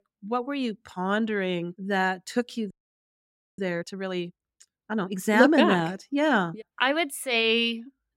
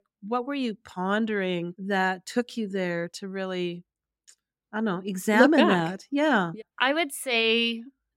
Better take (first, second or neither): second